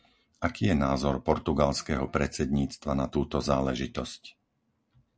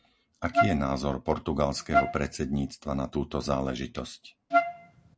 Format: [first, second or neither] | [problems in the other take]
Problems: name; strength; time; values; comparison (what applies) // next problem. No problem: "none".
first | background sound (Wind instrument, woodwind instrument); 3 dB above the speech